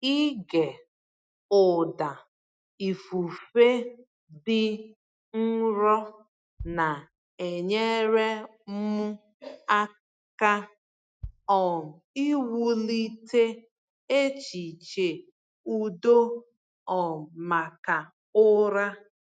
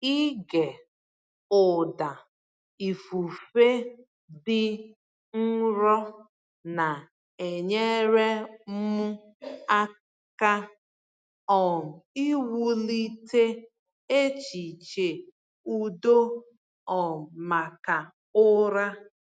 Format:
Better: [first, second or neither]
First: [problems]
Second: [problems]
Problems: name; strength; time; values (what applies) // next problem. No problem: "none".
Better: second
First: noise reduction (neural mask model DeepFilterNet 3)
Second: none